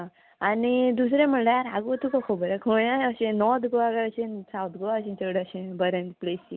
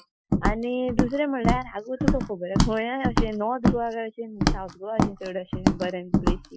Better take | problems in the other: first | noise reduction (classical method Wiener filter)

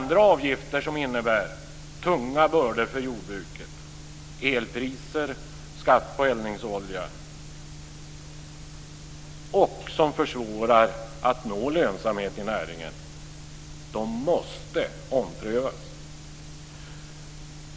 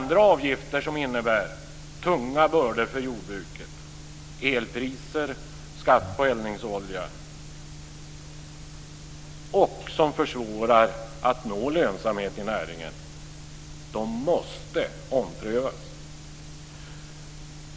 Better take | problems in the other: first | background sound (Breathing); 14 dB below the speech

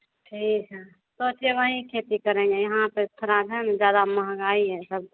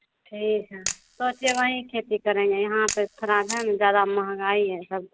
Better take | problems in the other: first | background sound (Camera); 13 dB below the speech

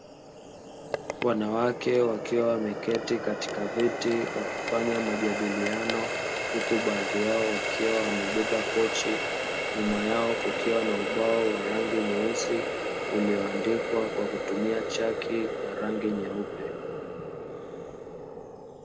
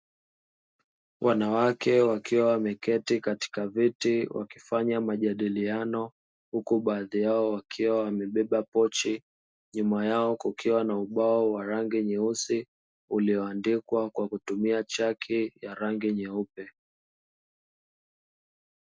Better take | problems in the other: second | background sound (Water tap, faucet); 2 dB below the speech

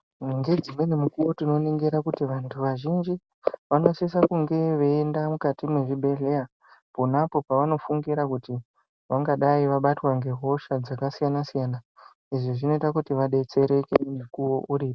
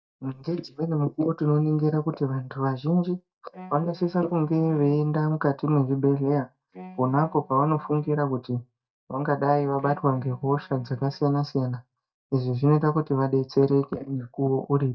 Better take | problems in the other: first | noise reduction (neural mask model DeepFilterNet 3)

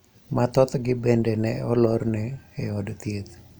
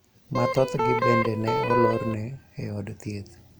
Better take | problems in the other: first | background sound (Electric guitar); 2 dB above the speech

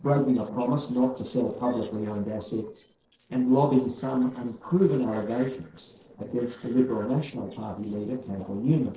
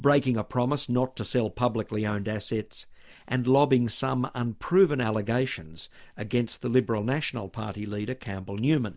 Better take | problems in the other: second | noise reduction (neural separator model SepFormer DNS4)

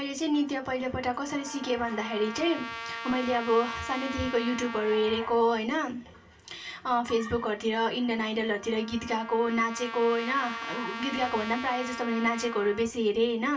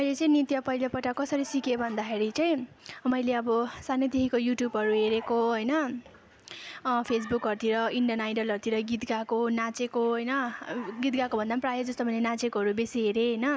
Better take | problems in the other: second | background sound (Trumpet); 12 dB below the speech // room echo; dies away in 0.2 s

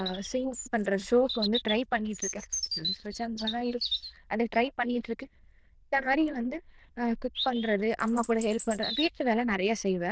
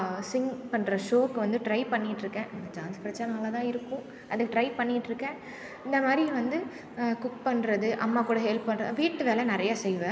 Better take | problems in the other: second | noise reduction (neural diffusion model UNIVERSE++)

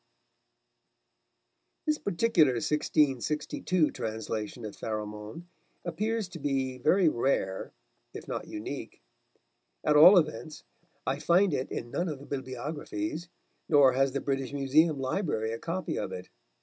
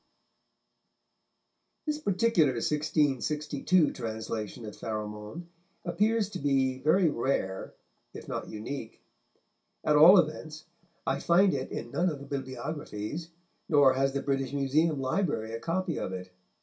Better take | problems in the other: first | room echo; dies away in 0.2 s

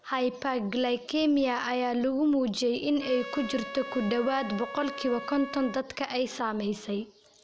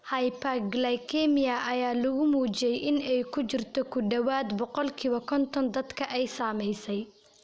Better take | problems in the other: second | background sound (Trumpet); 12 dB below the speech

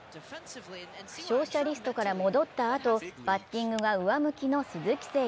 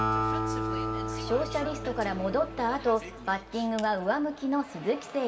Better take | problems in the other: first | background sound (Acoustic guitar); 4 dB below the speech // room echo; dies away in 1.8 s

